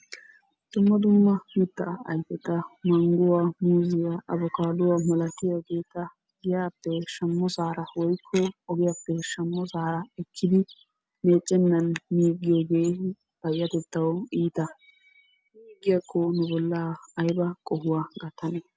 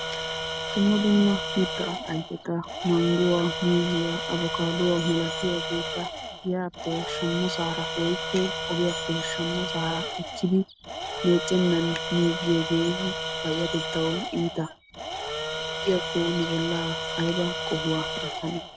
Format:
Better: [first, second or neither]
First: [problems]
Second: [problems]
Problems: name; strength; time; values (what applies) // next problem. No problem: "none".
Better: first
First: none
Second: background sound (Tools); 5 dB below the speech